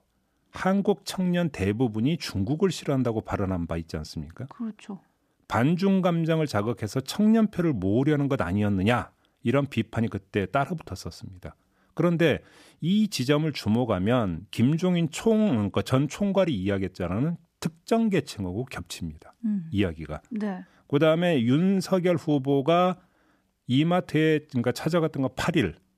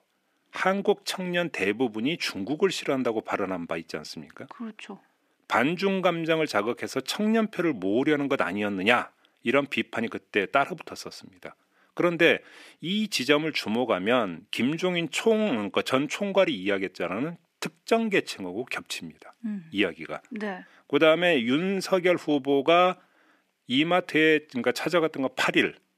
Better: first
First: none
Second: thin; very slightly; fading below 300 Hz

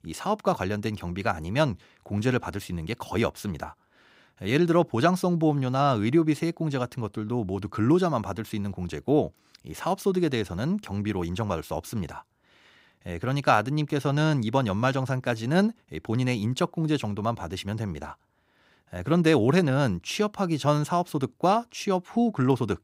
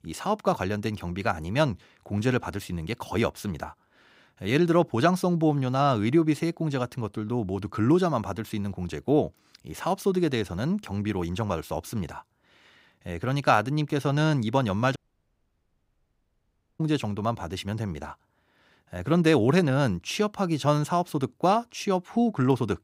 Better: first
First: none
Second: audio cutting out; at 15 s for 2 s

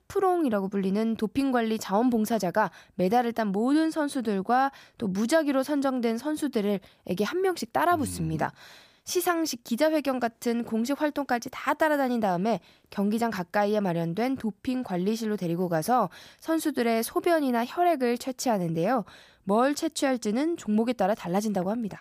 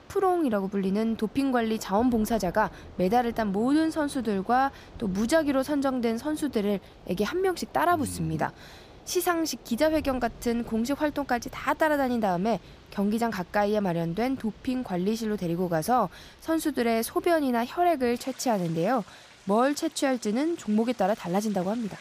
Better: first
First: none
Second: rain or running water; faint; throughout; 20 dB below the speech

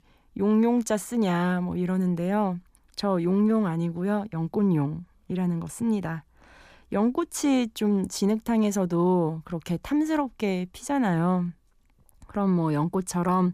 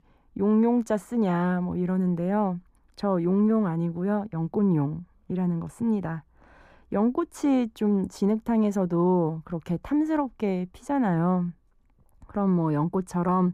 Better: first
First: none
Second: muffled; slightly; fading above 2 kHz

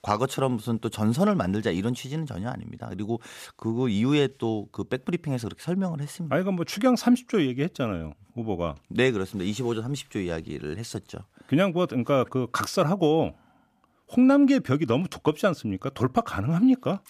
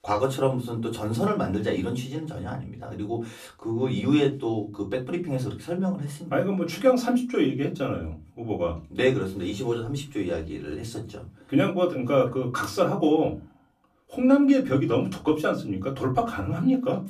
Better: first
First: none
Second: off-mic speech; far // room echo; very slight; dies away in 0.3 s

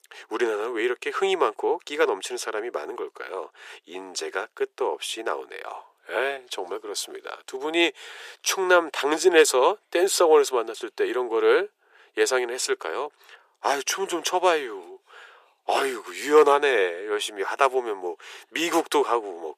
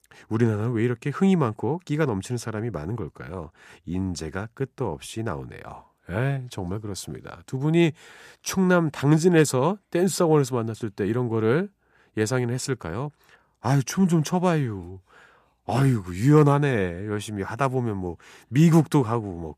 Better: second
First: thin; very; fading below 400 Hz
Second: none

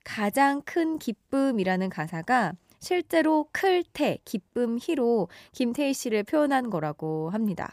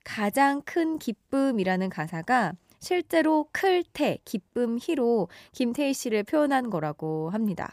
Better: neither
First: none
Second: none

